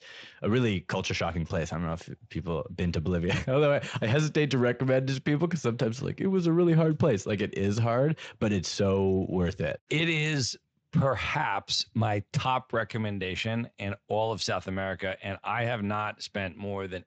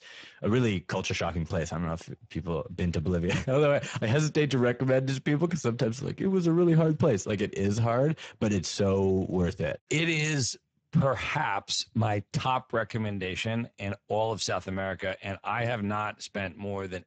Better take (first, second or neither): first